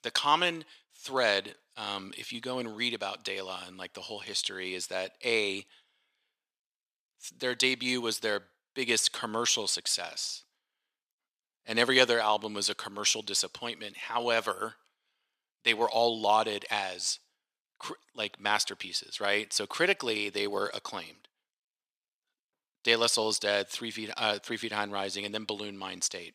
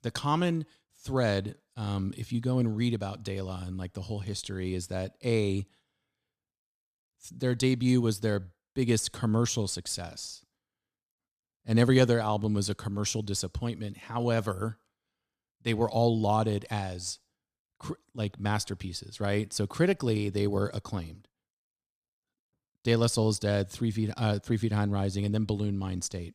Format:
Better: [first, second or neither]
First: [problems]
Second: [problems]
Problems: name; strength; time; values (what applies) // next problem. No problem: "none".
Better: second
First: thin; very; fading below 500 Hz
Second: none